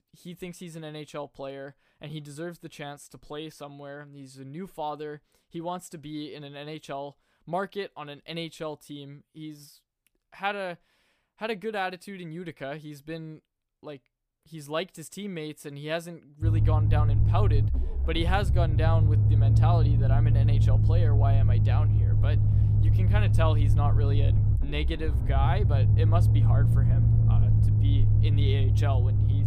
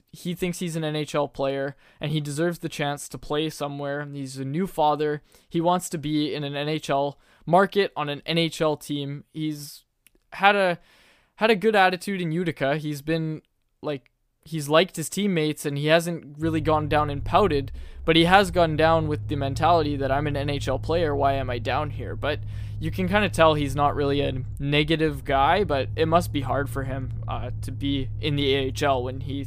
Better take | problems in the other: second | low rumble; loud; from 16 s on; 2 dB below the speech; faint in the second

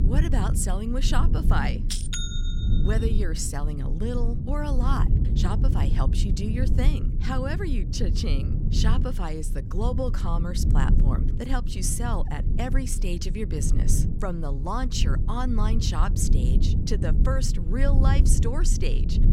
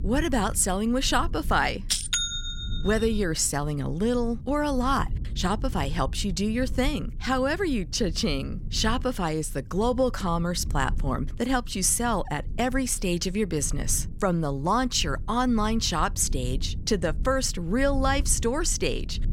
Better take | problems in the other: second | low rumble; loud; throughout; 7 dB below the speech; faint in the second

